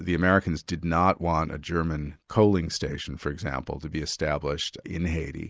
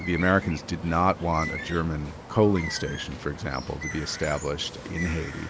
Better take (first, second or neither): first